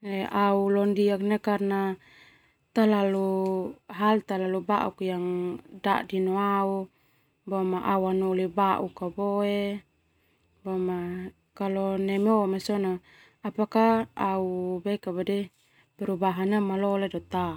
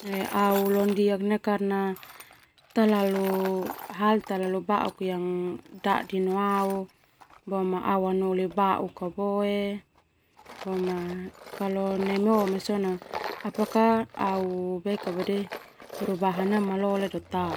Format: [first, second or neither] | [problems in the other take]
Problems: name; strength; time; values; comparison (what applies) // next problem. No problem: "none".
first | background sound (Tools); 15 dB below the speech